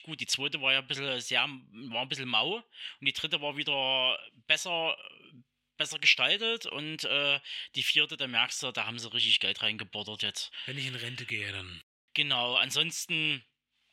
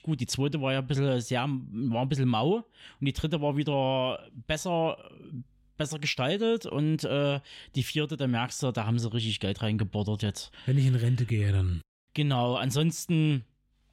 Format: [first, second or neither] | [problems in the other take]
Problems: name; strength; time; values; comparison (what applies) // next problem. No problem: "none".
second | thin; somewhat; fading below 850 Hz